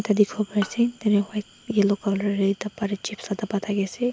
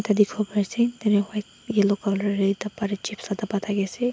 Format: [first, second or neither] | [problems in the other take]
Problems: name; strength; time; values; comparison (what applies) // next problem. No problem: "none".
second | background sound (Bowed string instrument); 20 dB below the speech